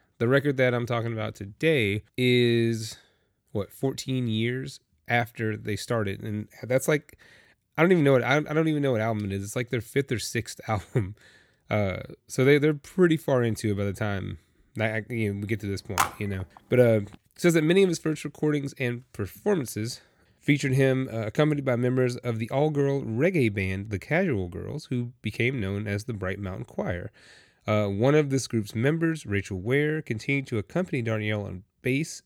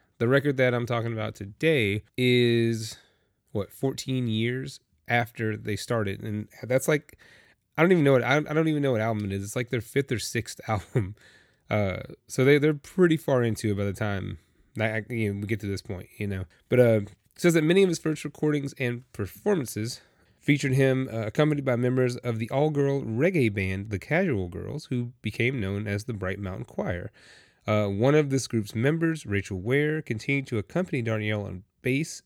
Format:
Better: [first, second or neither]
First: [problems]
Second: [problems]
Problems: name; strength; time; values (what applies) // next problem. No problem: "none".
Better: second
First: phone ringing; noticeable; at 16 s; peak 1 dB below the speech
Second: none